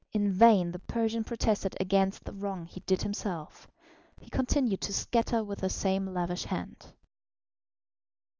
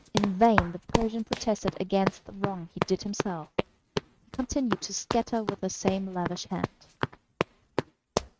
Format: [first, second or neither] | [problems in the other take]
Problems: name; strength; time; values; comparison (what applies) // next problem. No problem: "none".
first | noise reduction (neural mask model RNNoise)